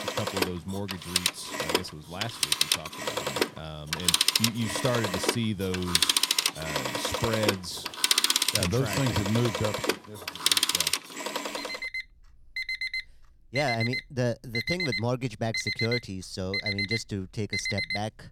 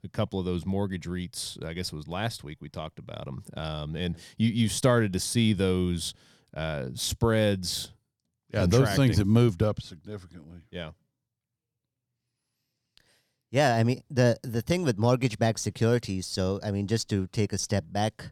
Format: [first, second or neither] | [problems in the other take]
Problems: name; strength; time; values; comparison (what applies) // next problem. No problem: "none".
second | alarms or sirens; very loud; throughout; 4 dB above the speech